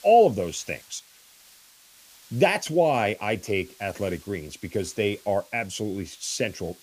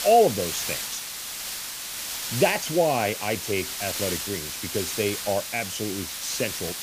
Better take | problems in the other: first | hiss; loud; throughout; 3 dB below the speech; faint in the first

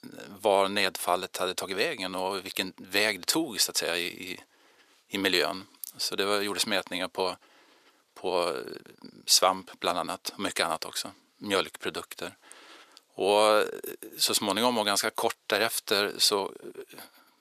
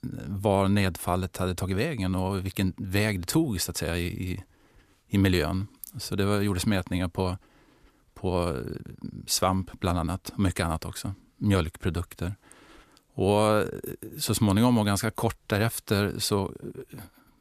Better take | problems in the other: second | thin; very; fading below 500 Hz

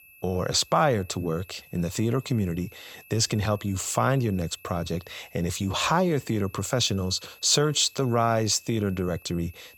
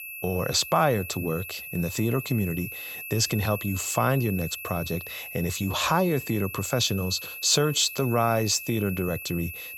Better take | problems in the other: first | high-pitched whine; loud; throughout; 2.5 kHz, 10 dB below the speech; faint in the first

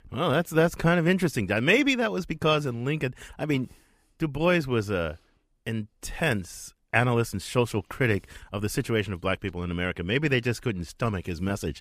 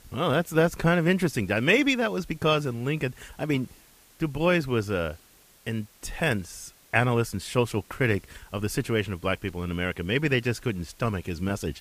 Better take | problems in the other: first | hiss; faint; throughout; 30 dB below the speech

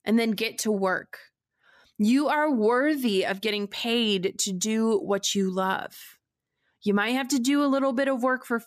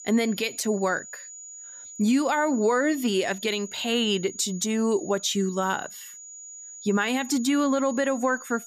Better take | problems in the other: first | high-pitched whine; noticeable; throughout; 7 kHz, 15 dB below the speech

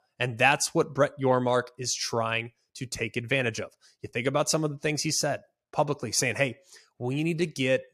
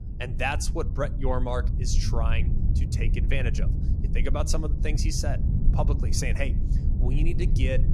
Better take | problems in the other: first | low rumble; loud; throughout; 9 dB below the speech

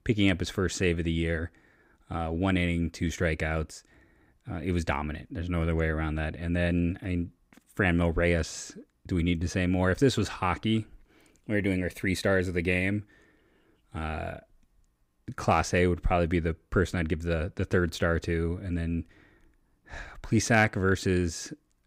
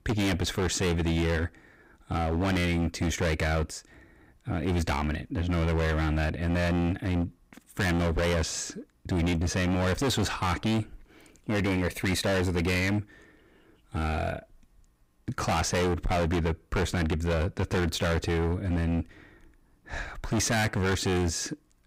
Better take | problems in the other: first | distortion; heavy; 24% of the sound clipped

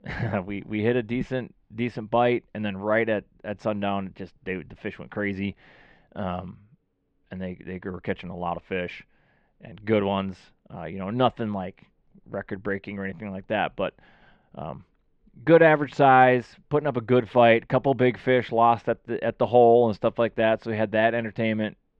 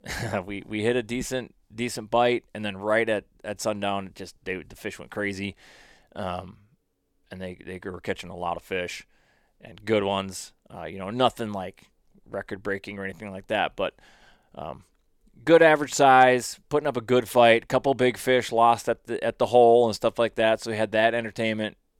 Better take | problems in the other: second | muffled; very; fading above 3 kHz

